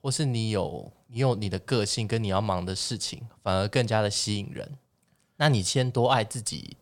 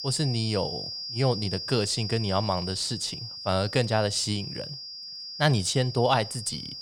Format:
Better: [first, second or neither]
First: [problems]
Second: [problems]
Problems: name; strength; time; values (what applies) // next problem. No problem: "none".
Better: first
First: none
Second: high-pitched whine; loud; throughout; 5 kHz, 7 dB below the speech